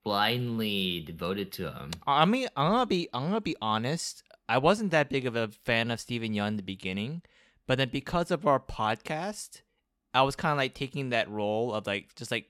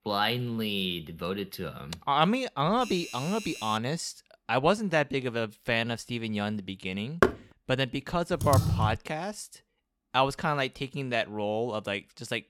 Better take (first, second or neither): first